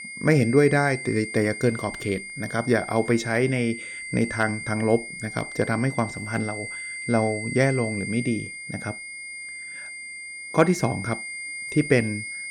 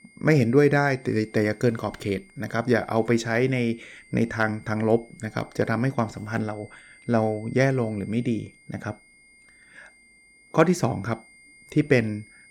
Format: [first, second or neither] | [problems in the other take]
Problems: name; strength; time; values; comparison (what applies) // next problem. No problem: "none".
second | high-pitched whine; loud; throughout; 2 kHz, 9 dB below the speech; faint in the second